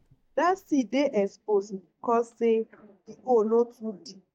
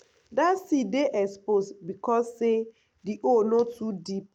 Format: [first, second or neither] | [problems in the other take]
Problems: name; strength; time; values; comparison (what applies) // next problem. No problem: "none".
second | noise reduction (neural mask model DeepFilterNet 3)